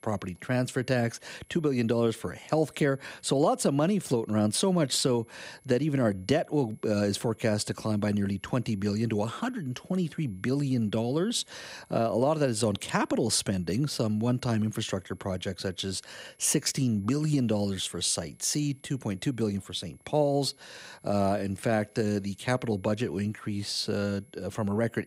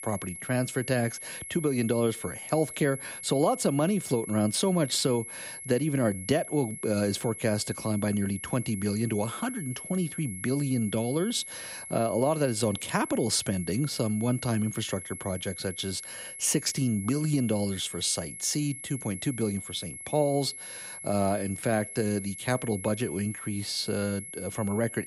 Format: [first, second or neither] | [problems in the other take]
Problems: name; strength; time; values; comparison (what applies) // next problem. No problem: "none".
first | high-pitched whine; loud; throughout; 11 kHz, 10 dB below the speech; faint in the first